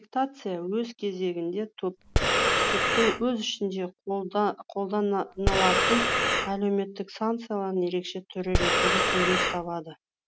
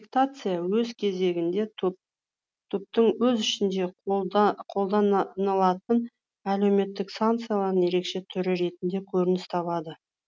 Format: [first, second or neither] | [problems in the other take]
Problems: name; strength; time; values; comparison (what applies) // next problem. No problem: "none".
second | background sound (Breathing); 4 dB above the speech